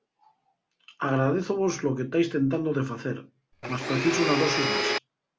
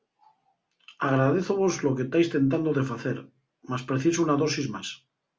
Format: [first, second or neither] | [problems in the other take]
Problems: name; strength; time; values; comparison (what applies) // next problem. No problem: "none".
second | background sound (Domestic sounds, home sounds); as loud as the speech